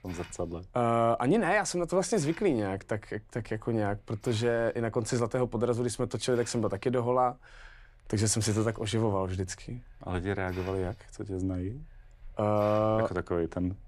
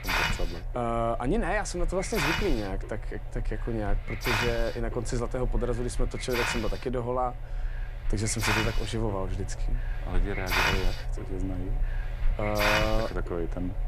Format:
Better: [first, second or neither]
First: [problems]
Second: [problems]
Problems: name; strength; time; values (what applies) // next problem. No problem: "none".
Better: first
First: hiss; faint; throughout; 25 dB below the speech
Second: hiss; loud; throughout; as loud as the speech